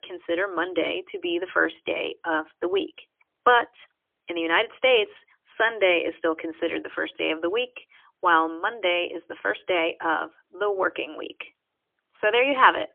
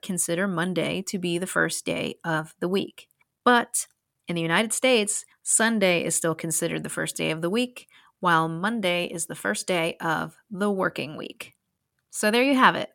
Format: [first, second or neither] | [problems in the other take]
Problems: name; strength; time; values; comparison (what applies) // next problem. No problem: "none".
second | phone-call audio; poor line; nothing above 3.5 kHz